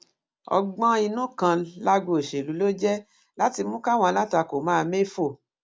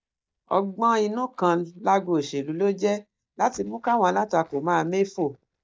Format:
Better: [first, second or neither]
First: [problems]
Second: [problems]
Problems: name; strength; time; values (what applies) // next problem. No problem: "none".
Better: first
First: none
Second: noise reduction (neural mask model DeepFilterNet 3)